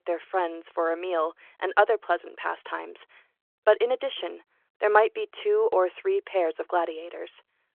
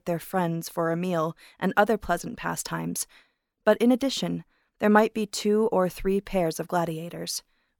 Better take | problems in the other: second | phone-call audio

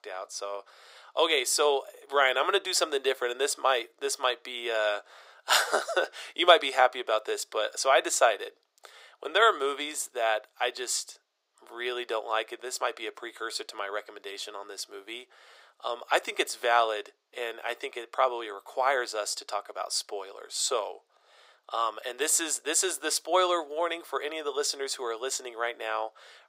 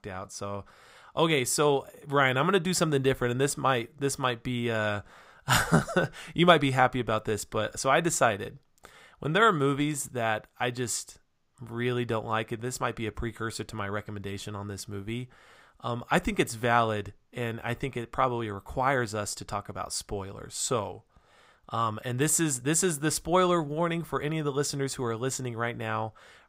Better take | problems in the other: second | thin; very; fading below 400 Hz

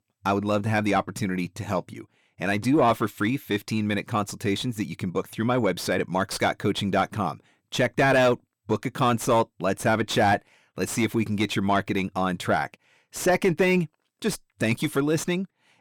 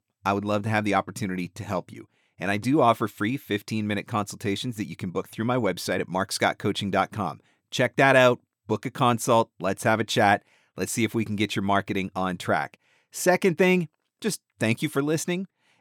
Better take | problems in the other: second | distortion; slight; 10 dB below the speech

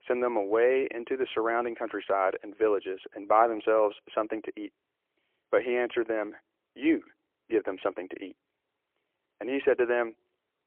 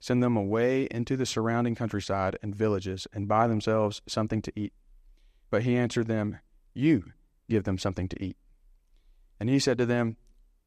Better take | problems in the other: second | phone-call audio; poor line; nothing above 3.5 kHz

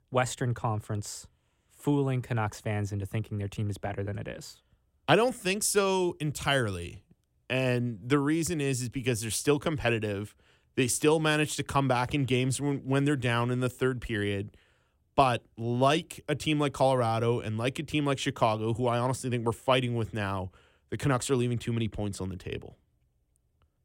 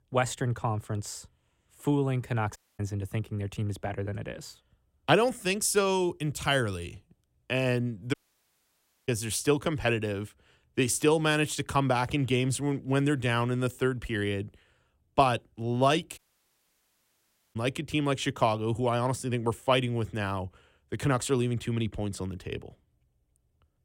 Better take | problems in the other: first | audio cutting out; at 2.5 s, at 8 s for 1 s and at 16 s for 1.5 s

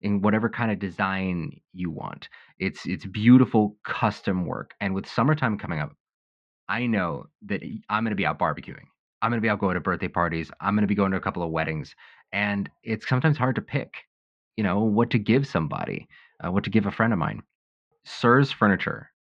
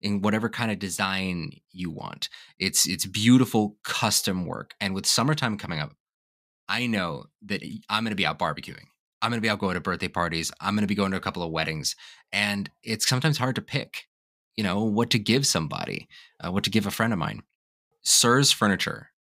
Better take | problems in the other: second | muffled; very; fading above 2 kHz

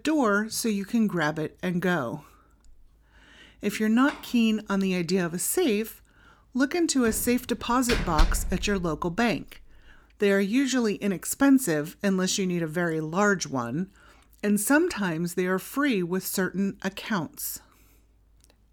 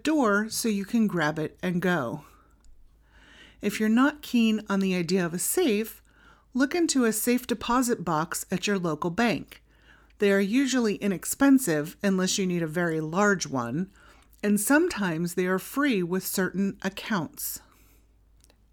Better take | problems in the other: second | door banging; noticeable; from 7 to 8.5 s; peak 2 dB below the speech

